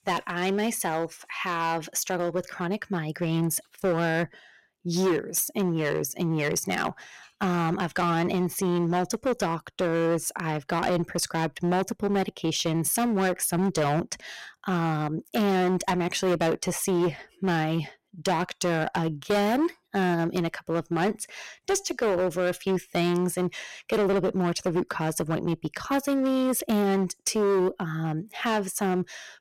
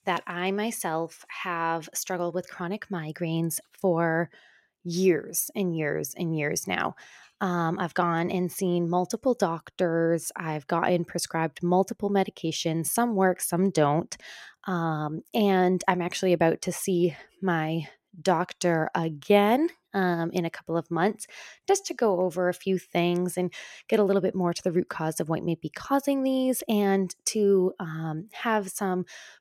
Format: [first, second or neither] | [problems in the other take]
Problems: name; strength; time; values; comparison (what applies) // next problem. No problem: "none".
second | distortion; heavy; 13% of the sound clipped